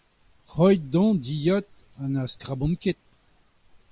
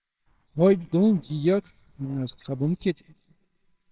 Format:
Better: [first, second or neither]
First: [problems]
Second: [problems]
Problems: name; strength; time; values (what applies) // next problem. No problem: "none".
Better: first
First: none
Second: noise reduction (neural separator model SepFormer WHAMR!)